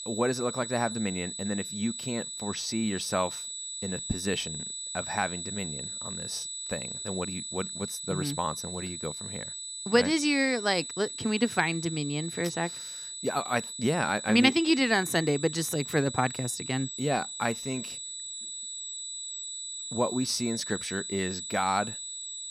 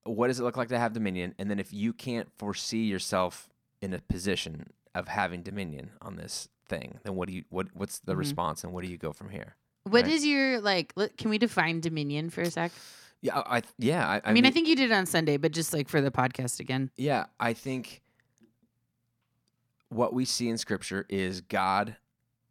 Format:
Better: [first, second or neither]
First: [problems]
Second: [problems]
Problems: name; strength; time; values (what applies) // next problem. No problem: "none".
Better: second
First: high-pitched whine; loud; throughout; 8 kHz, 6 dB below the speech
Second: none